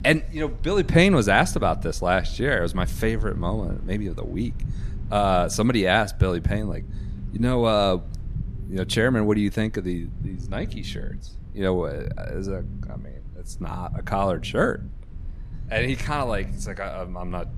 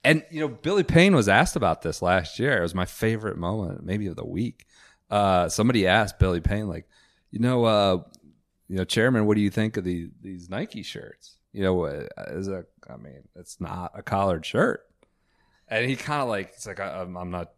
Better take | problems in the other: second | low rumble; faint; throughout; 25 dB below the speech

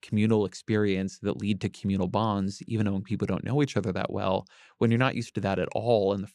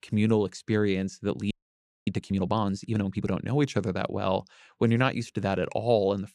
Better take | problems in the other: first | audio freezing; at 1.5 s for 0.5 s

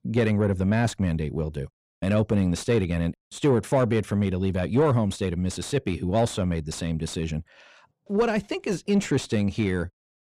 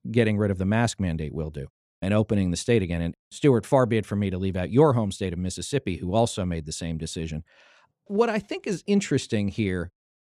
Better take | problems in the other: second | distortion; slight; 10 dB below the speech

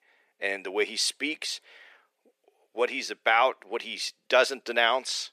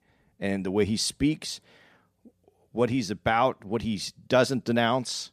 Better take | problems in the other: second | thin; very; fading below 400 Hz

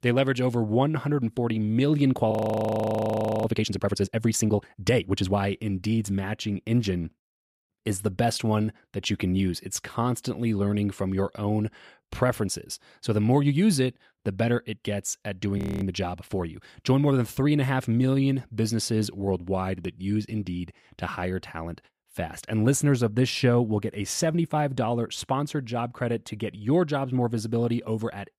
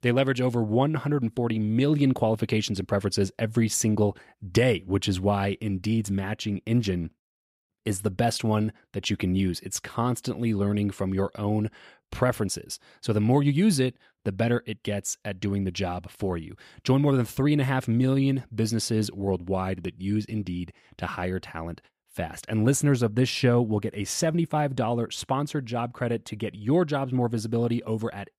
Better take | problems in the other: second | audio freezing; at 2.5 s for 1 s and at 16 s

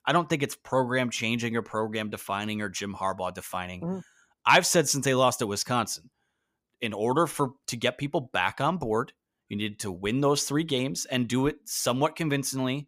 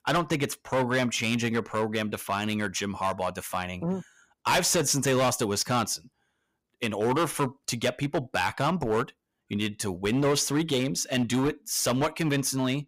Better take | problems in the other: first | distortion; heavy; 8% of the sound clipped

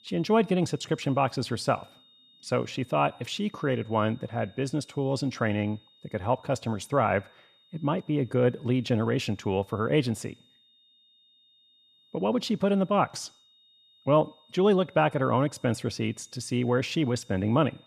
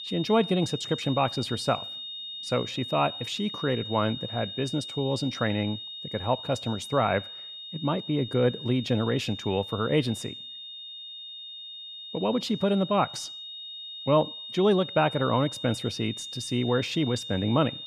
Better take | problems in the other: first | high-pitched whine; loud; throughout; 3.5 kHz, 9 dB below the speech; faint in the first

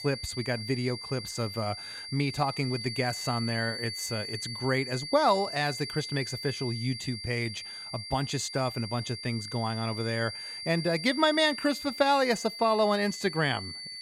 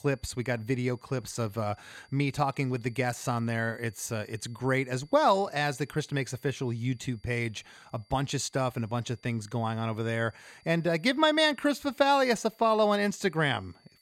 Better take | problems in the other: second | high-pitched whine; loud; throughout; 4.5 kHz, 7 dB below the speech; faint in the second

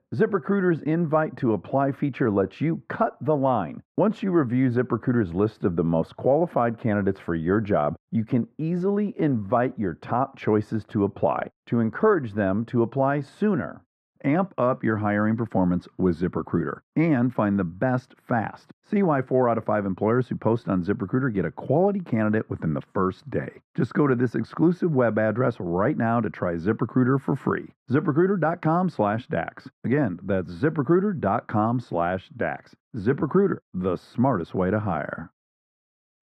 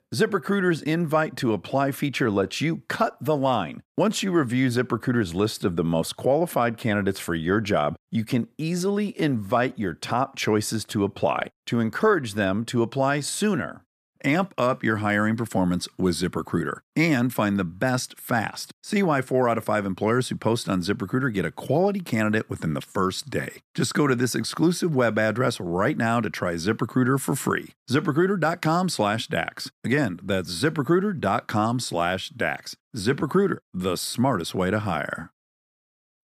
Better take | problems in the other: second | muffled; very; fading above 3 kHz

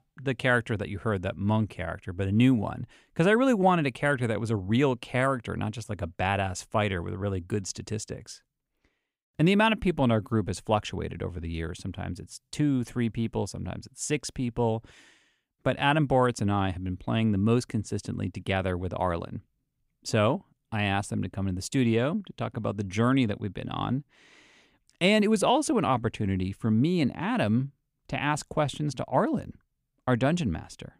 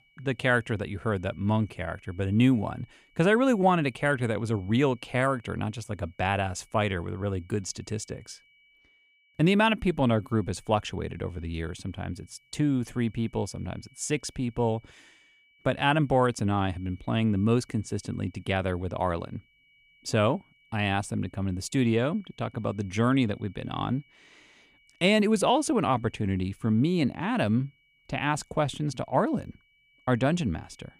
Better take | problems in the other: first | high-pitched whine; faint; throughout; 2.5 kHz, 35 dB below the speech

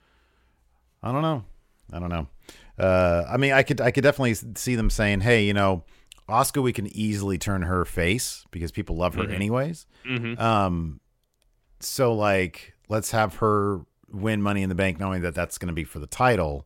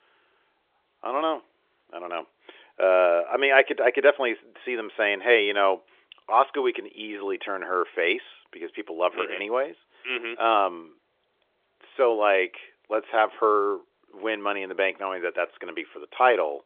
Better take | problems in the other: first | phone-call audio; nothing above 3.5 kHz

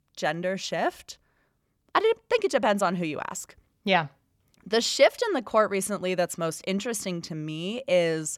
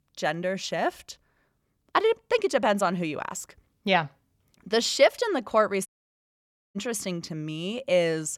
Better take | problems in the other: first | audio cutting out; at 6 s for 1 s

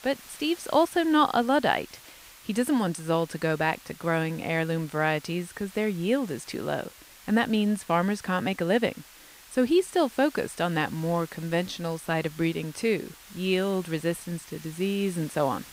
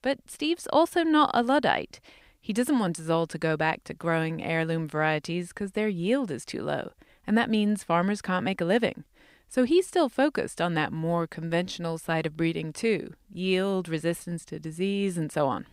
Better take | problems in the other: second | hiss; faint; throughout; 20 dB below the speech

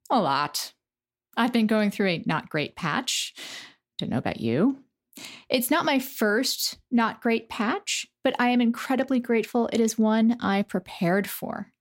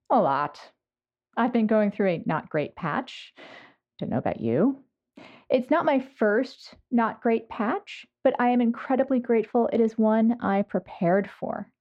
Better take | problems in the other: first | muffled; very; fading above 1.5 kHz

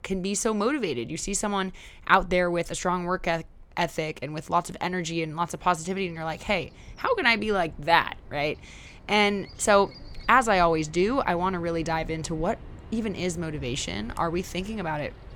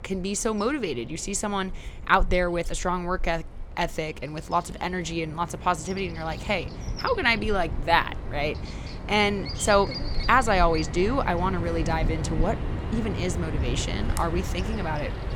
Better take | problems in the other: first | animal sounds; loud; throughout; 7 dB below the speech; faint in the first

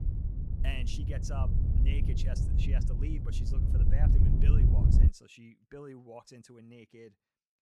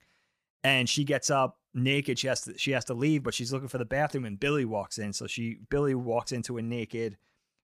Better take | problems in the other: second | wind noise on the microphone; heavy; until 5 s; 2 dB above the speech

